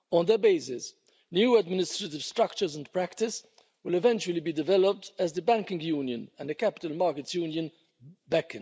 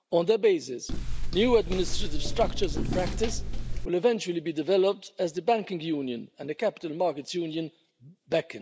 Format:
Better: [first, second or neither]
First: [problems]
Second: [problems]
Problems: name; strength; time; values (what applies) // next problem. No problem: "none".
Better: first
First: none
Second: background sound (Walk, footsteps); 1 dB above the speech